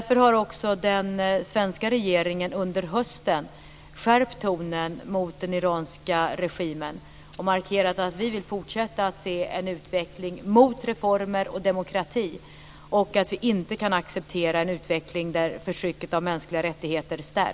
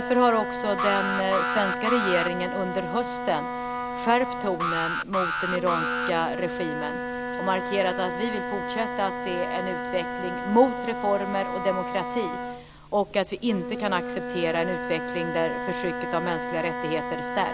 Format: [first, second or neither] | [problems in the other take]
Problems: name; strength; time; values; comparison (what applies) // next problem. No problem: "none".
first | background sound (Wind instrument, woodwind instrument + Alarm); 3 dB below the speech